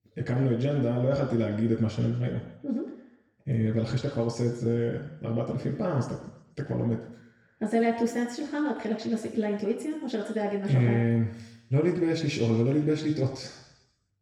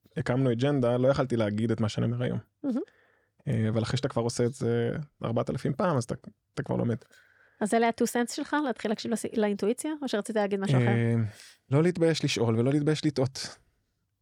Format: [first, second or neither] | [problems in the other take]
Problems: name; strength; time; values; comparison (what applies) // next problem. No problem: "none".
second | room echo; noticeable; dies away in 0.9 s // off-mic speech; far